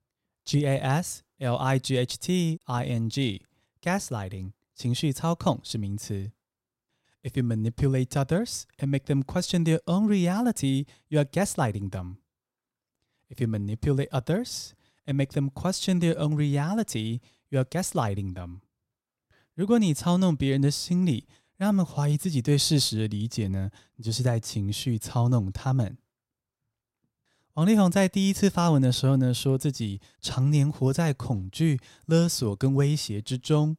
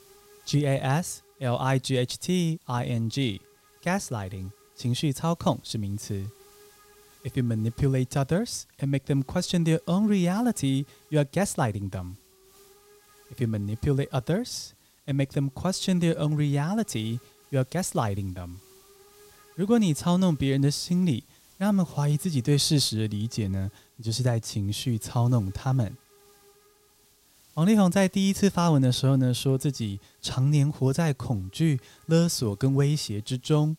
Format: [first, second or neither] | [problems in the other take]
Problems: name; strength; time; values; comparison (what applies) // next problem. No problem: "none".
first | hiss; faint; throughout; 30 dB below the speech